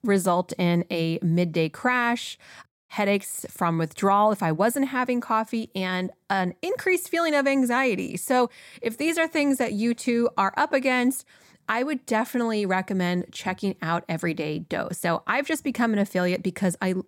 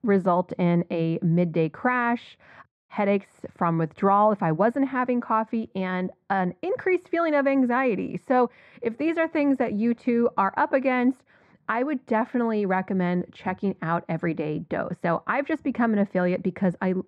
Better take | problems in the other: first | muffled; very; fading above 1.5 kHz

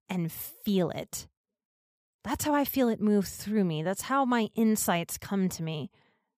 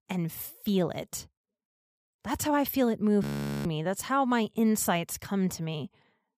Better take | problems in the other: first | audio freezing; at 3 s

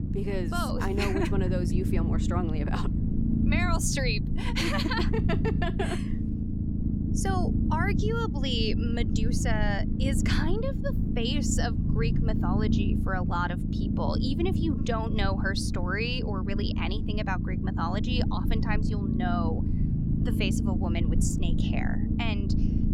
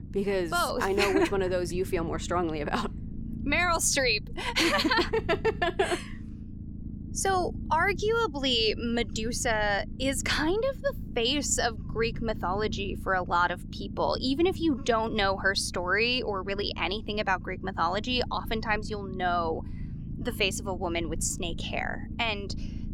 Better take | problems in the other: second | low rumble; loud; throughout; 5 dB below the speech; faint in the second

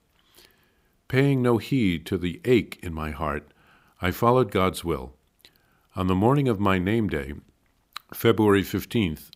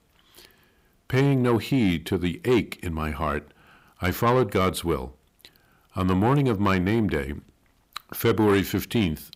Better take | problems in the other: first | distortion; slight; 10 dB below the speech

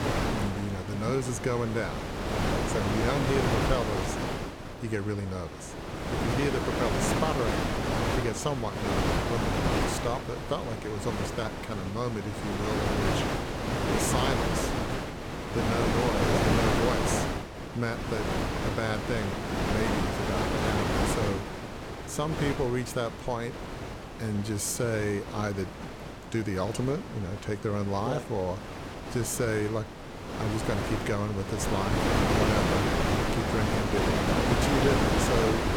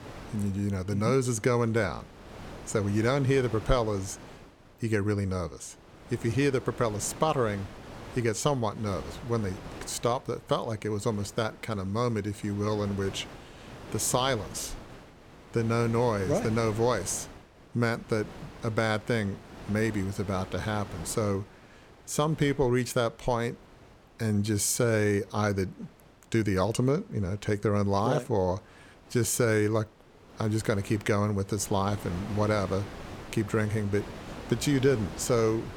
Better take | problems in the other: second | wind noise on the microphone; heavy; 3 dB above the speech; occasional gusts in the second

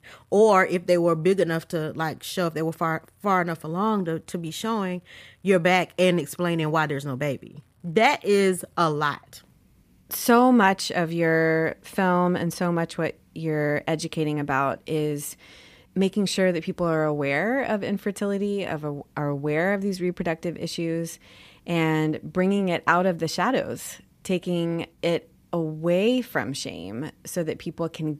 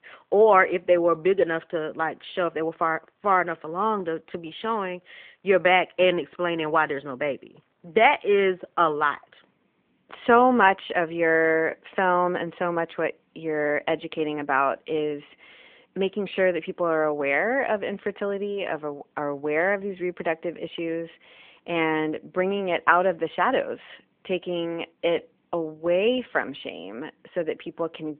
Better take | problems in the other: first | phone-call audio

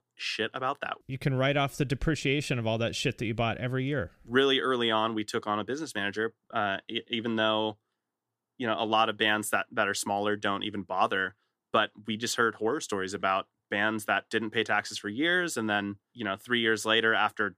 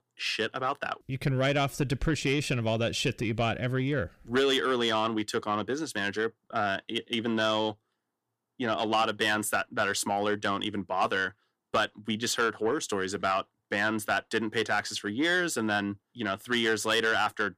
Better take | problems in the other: first | distortion; slight; 10 dB below the speech

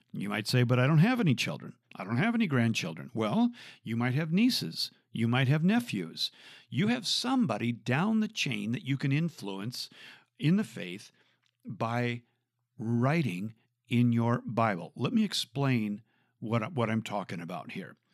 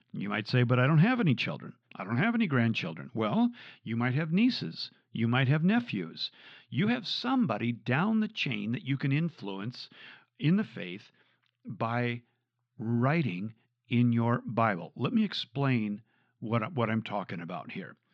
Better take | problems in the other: first | muffled; very slightly; fading above 4 kHz

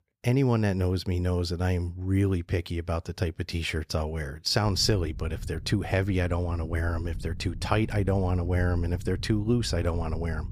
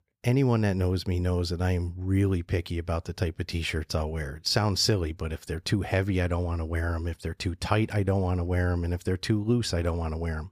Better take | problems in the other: second | low rumble; faint; from 4.5 s on; 20 dB below the speech

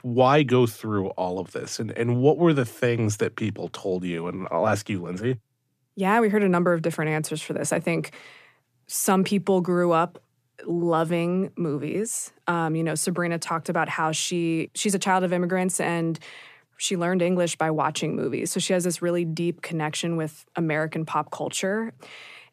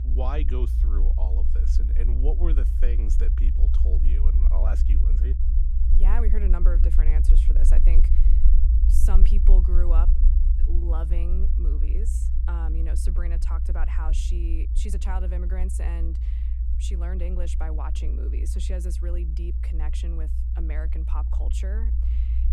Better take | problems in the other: first | low rumble; loud; throughout; 4 dB below the speech

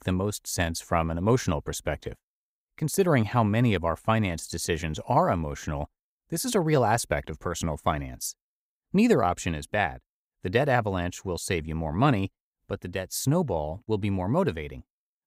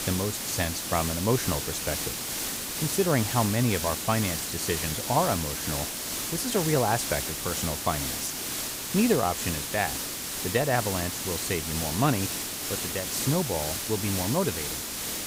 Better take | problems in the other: first | hiss; loud; throughout; 1 dB below the speech

